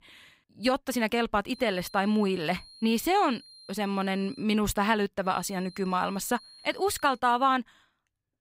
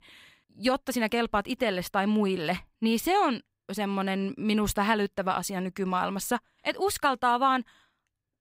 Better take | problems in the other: second | high-pitched whine; faint; from 1.5 to 4.5 s and from 5.5 to 7 s; 4 kHz, 20 dB below the speech

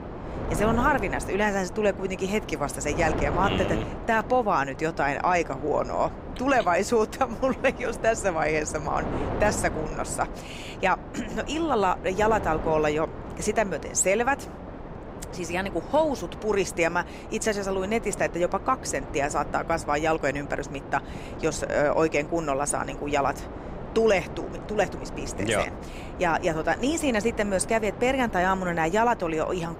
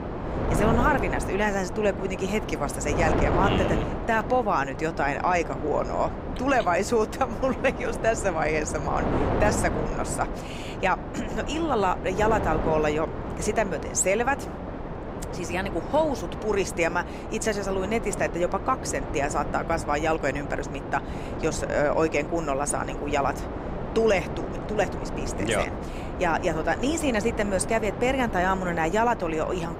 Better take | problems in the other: first | wind noise on the microphone; heavy; 8 dB below the speech; occasional gusts in the first

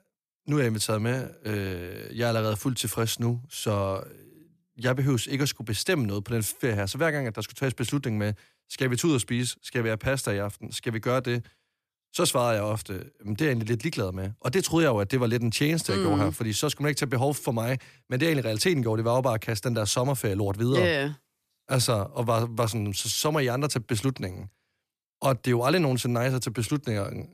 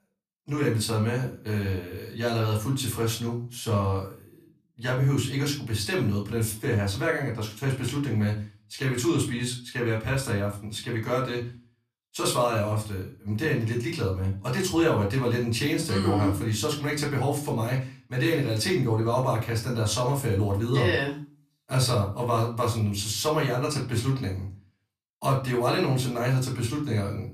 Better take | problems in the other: first | off-mic speech; far // room echo; slight; dies away in 0.3 s

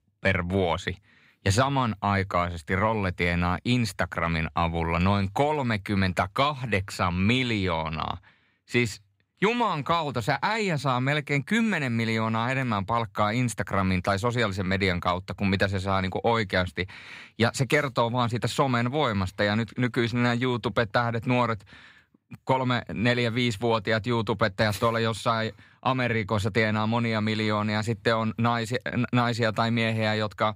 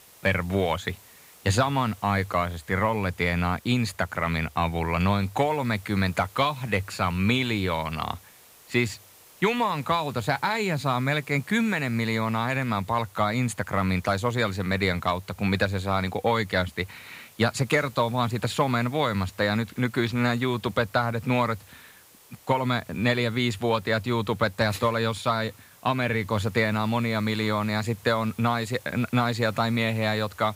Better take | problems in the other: first | hiss; faint; throughout; 25 dB below the speech

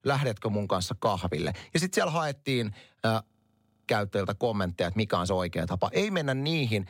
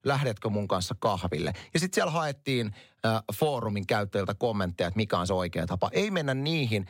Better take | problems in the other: second | audio freezing; at 3.5 s for 0.5 s

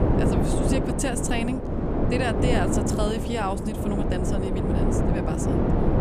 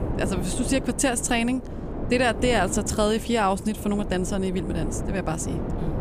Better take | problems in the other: second | wind noise on the microphone; heavy; 1 dB above the speech; occasional gusts in the second

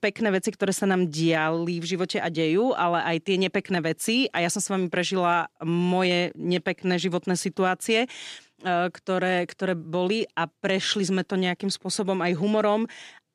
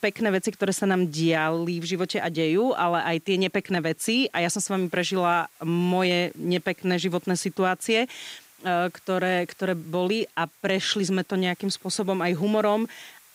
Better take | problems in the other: first | hiss; faint; throughout; 30 dB below the speech

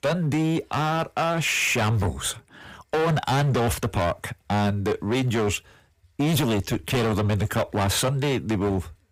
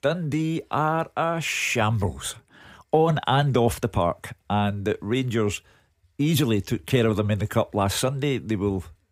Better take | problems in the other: second | distortion; heavy; 18% of the sound clipped

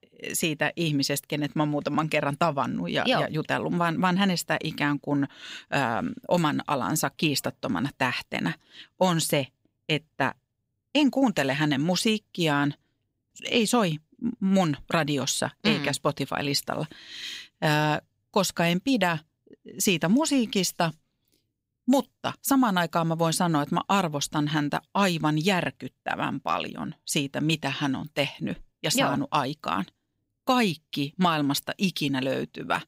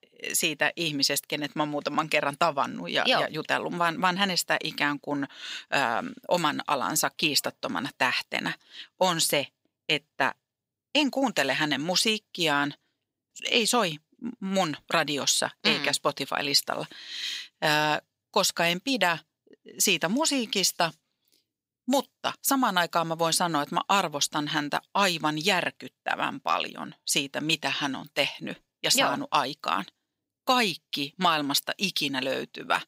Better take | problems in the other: first | thin; very slightly; fading below 600 Hz

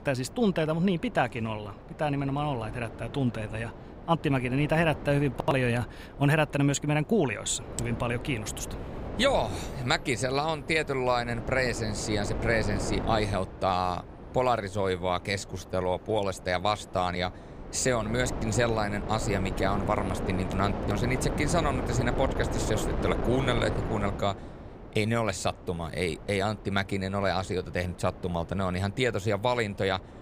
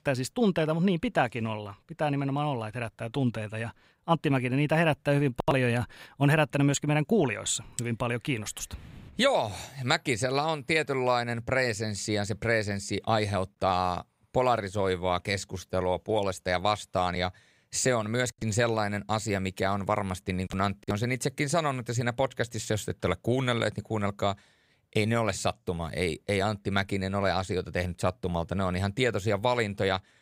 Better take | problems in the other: second | wind noise on the microphone; occasional gusts; 10 dB below the speech

